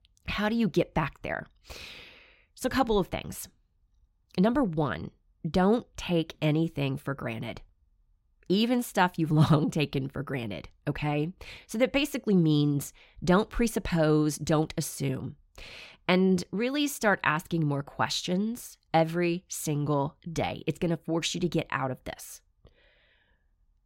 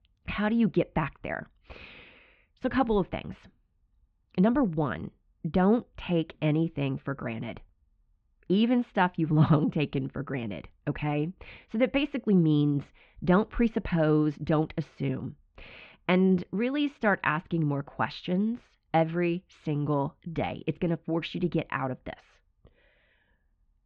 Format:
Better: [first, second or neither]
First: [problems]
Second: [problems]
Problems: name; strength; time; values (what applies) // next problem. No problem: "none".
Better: first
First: none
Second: muffled; very; fading above 3 kHz